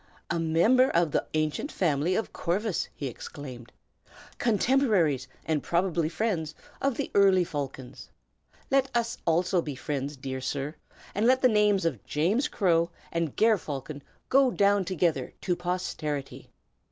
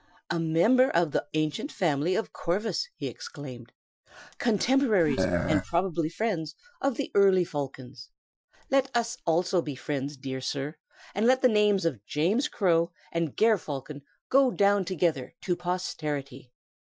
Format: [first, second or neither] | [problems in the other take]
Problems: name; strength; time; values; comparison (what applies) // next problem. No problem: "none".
first | noise reduction (classical method Wiener filter)